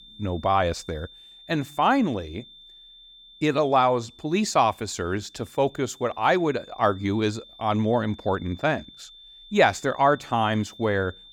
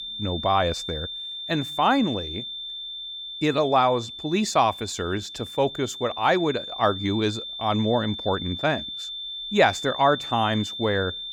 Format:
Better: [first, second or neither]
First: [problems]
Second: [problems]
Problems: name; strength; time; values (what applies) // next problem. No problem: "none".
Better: first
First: high-pitched whine; faint; throughout; 3.5 kHz, 20 dB below the speech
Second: high-pitched whine; loud; throughout; 3.5 kHz, 8 dB below the speech